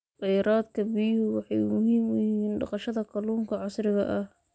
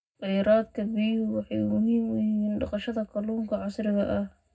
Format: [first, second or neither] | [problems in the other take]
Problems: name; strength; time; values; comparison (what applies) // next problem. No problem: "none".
first | room echo; dies away in 0.3 s